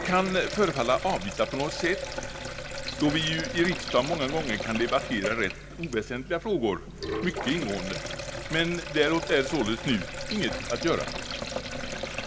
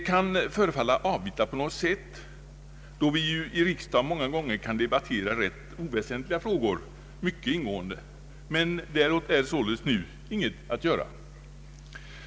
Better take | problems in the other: second | background sound (Sink (filling or washing)); 7 dB below the speech

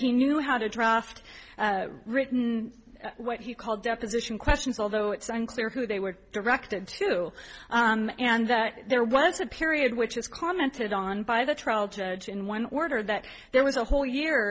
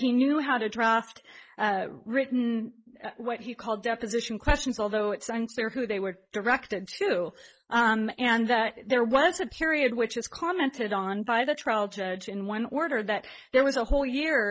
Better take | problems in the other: first | noise reduction (neural mask model Resemble Enhance denoiser)

